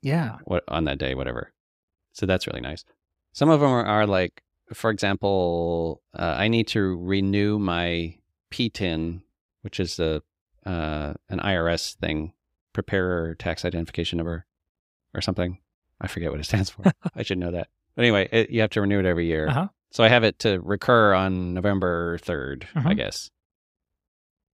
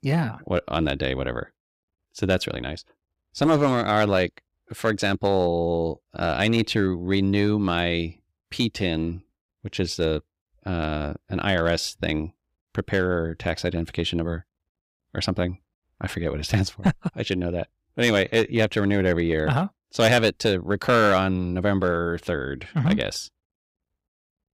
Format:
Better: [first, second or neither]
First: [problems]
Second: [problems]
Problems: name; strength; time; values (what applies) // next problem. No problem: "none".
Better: first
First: none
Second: distortion; slight; 3% of the sound clipped